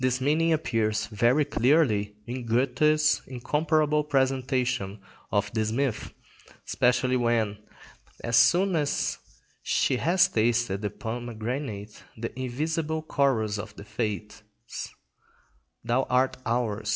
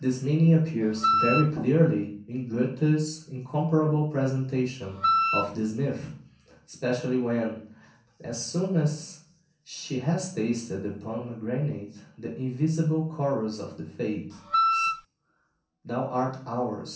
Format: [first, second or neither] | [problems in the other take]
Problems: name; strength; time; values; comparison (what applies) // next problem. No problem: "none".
first | background sound (Wind instrument, woodwind instrument); 2 dB above the speech // room echo; dies away in 0.6 s